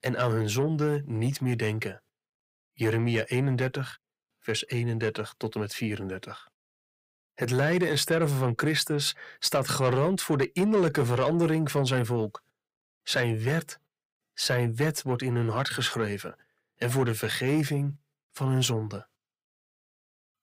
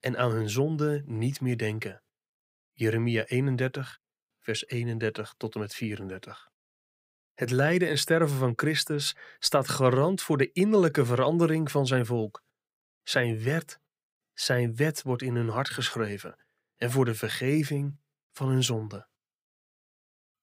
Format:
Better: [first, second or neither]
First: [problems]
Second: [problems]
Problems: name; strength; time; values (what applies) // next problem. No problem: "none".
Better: second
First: distortion; slight; 10 dB below the speech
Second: none